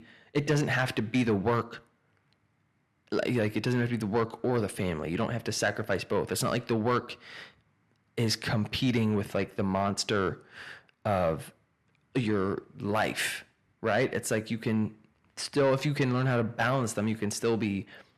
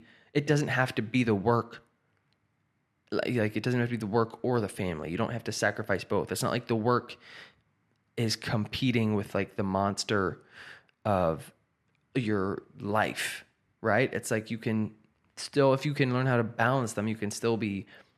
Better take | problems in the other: second | distortion; slight; 10 dB below the speech

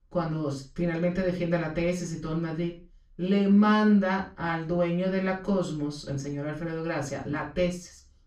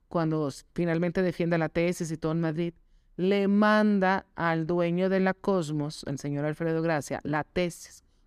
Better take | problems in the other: second | room echo; slight; dies away in 0.3 s // off-mic speech; far

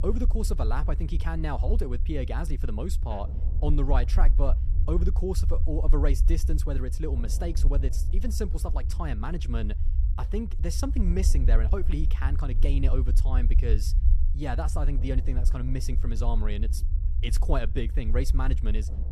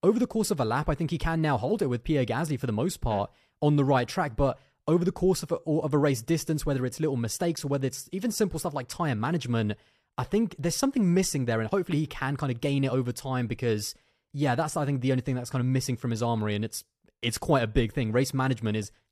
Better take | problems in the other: second | low rumble; noticeable; throughout; 10 dB below the speech

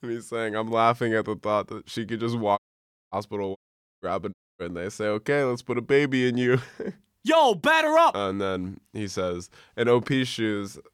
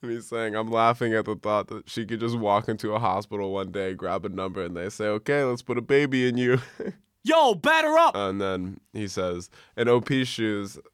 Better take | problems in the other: second | audio cutting out; at 2.5 s for 0.5 s, at 3.5 s and at 4.5 s

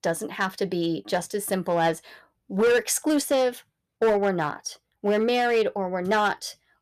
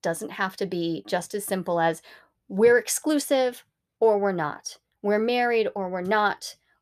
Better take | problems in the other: second | distortion; slight; 6% of the sound clipped

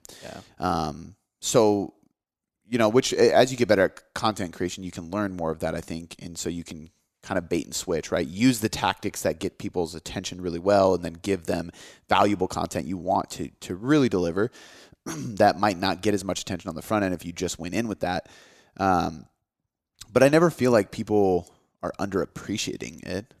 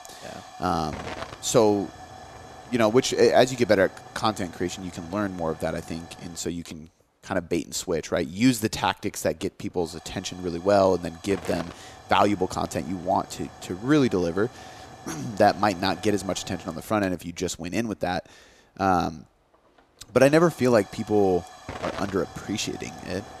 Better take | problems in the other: first | hiss; noticeable; throughout; 20 dB below the speech

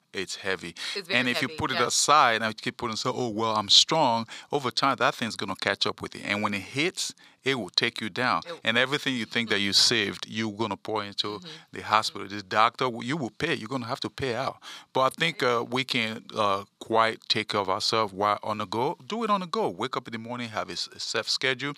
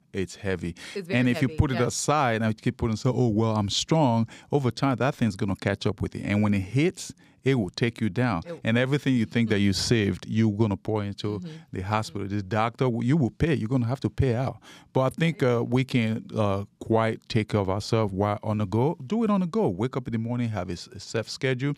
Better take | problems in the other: second | thin; somewhat; fading below 900 Hz

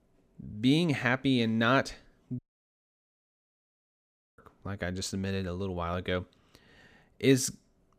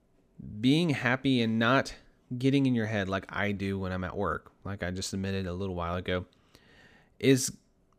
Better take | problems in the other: second | audio cutting out; at 2.5 s for 2 s

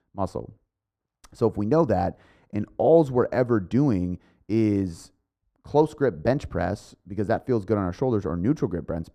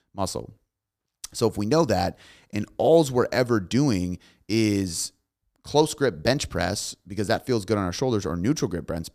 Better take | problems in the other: second | muffled; very; fading above 2 kHz

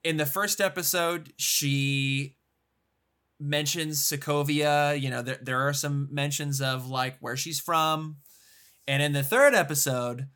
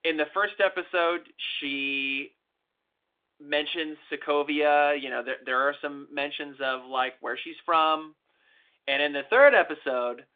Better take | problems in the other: first | phone-call audio; nothing above 3.5 kHz

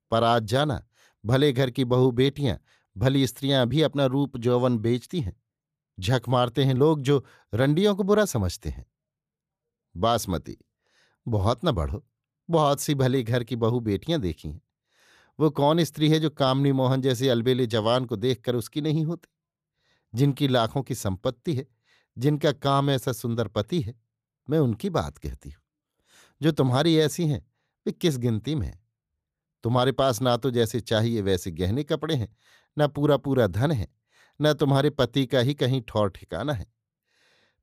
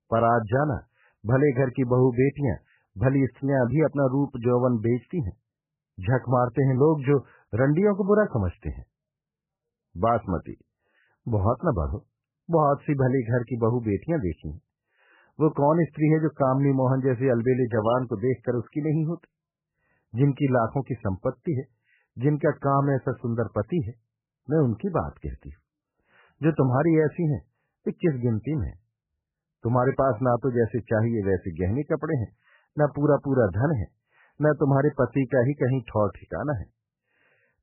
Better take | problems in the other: first | garbled, watery; badly; nothing above 3 kHz

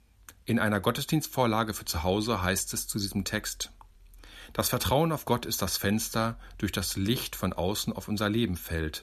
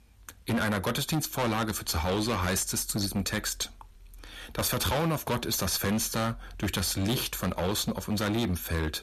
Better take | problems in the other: first | distortion; heavy; 17% of the sound clipped

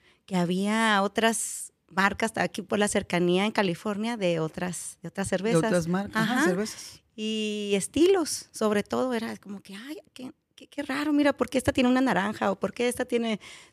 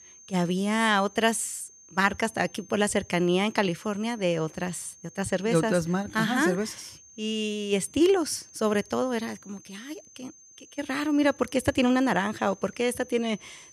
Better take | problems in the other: first | high-pitched whine; faint; throughout; 6.5 kHz, 25 dB below the speech

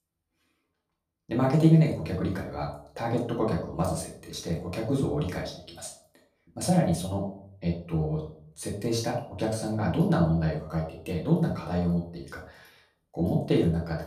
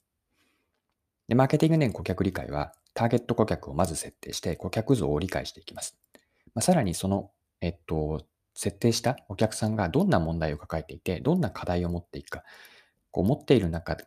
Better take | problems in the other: second | room echo; slight; dies away in 0.4 s // off-mic speech; far

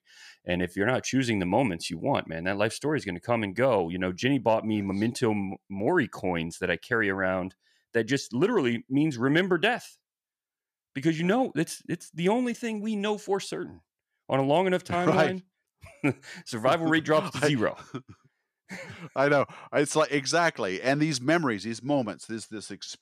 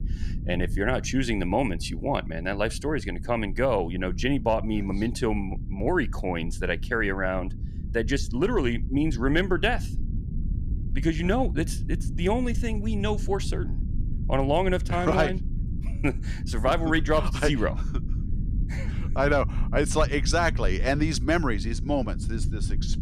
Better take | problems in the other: first | low rumble; noticeable; throughout; 20 dB below the speech

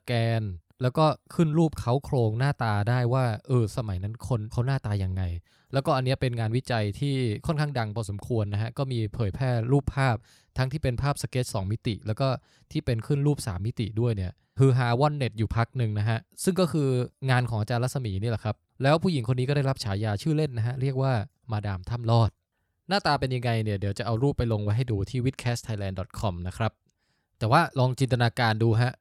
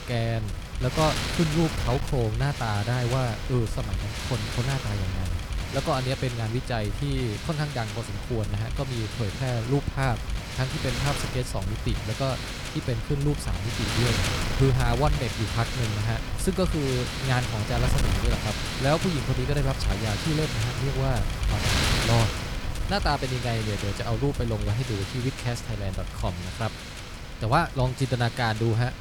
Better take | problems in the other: first | wind noise on the microphone; heavy; 2 dB below the speech

